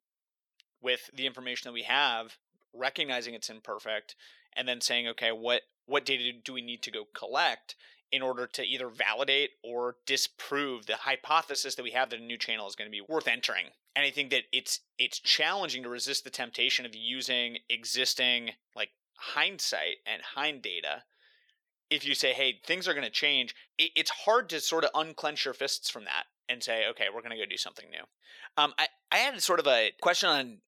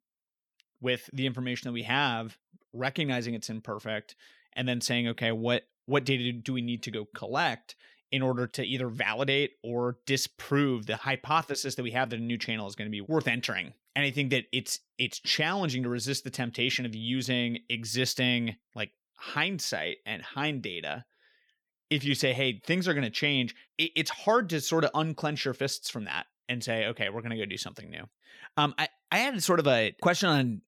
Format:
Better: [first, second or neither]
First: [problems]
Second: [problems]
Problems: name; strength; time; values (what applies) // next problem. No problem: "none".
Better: second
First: thin; somewhat; fading below 550 Hz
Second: none